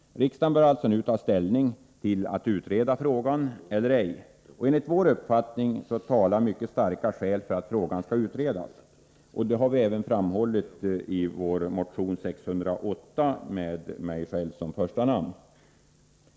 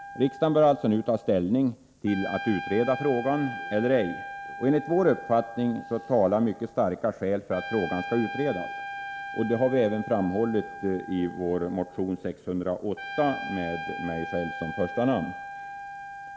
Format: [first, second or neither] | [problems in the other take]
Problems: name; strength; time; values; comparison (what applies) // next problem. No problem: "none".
first | background sound (Trumpet); 11 dB below the speech